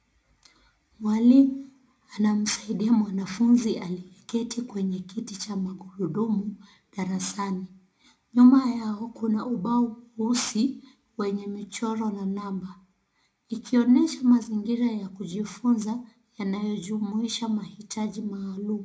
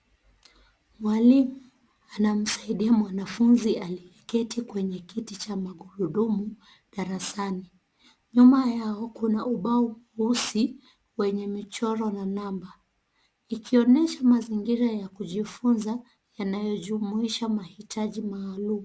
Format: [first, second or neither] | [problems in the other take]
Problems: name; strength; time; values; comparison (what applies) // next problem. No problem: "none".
second | room echo; dies away in 0.3 s